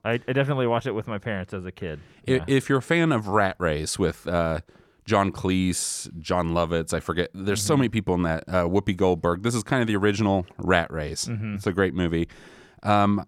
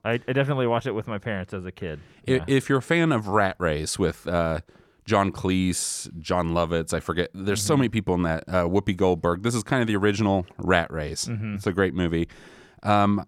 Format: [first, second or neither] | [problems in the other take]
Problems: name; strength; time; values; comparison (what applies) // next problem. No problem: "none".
neither | none